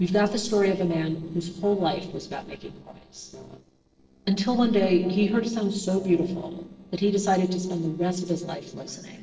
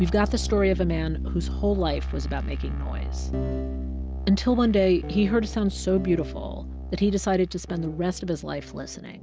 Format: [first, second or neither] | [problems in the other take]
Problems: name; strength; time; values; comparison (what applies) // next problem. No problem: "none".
second | noise reduction (neural separator model SepFormer DNS4)